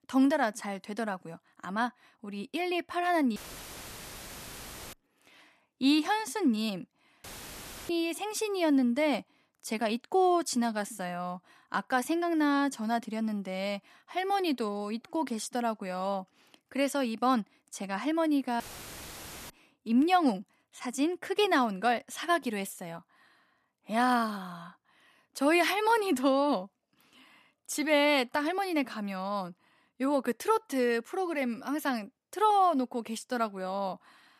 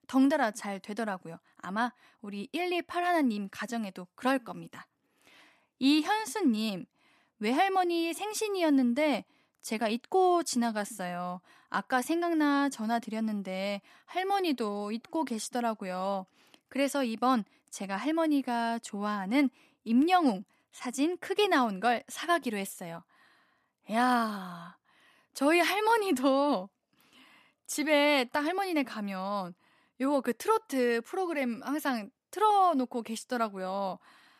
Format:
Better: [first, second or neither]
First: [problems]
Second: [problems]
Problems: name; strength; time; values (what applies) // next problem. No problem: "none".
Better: second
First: audio cutting out; filled with static; at 3.5 s for 1.5 s, at 7 s for 0.5 s and at 19 s for 1 s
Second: none